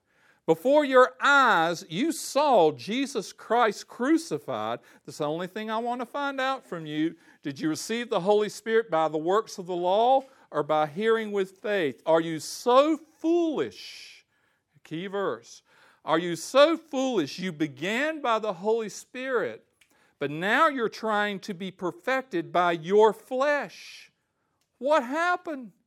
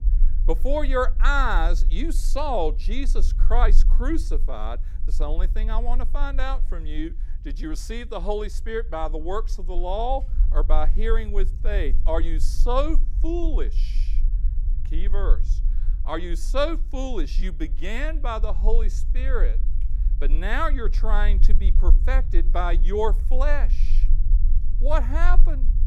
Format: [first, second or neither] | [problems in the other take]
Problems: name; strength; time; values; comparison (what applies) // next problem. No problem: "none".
first | low rumble; faint; throughout; 20 dB below the speech